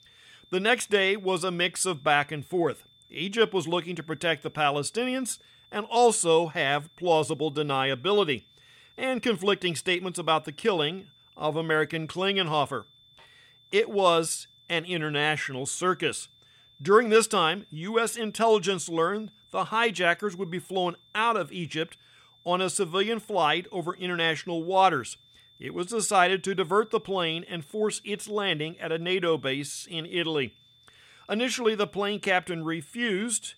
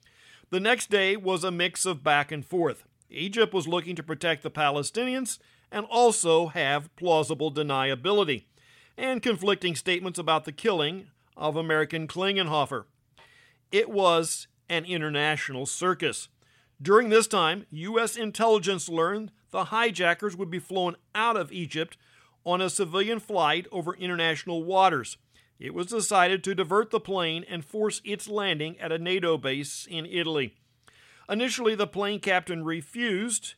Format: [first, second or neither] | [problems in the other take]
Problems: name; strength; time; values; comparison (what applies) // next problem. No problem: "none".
second | high-pitched whine; faint; throughout; 3.5 kHz, 30 dB below the speech